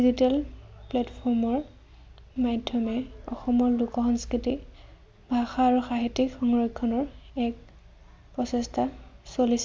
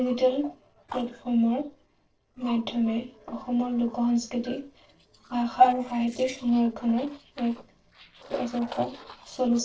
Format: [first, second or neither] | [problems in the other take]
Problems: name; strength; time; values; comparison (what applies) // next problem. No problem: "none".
first | noise reduction (neural separator model SepFormer DNS4)